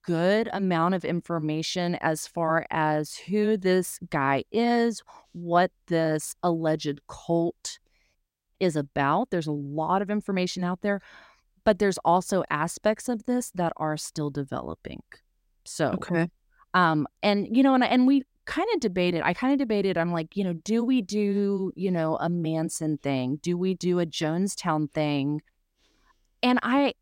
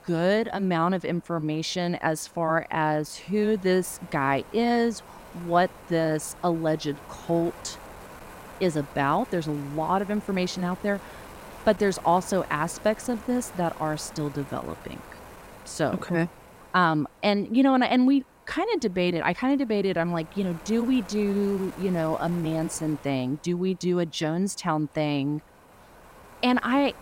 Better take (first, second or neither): first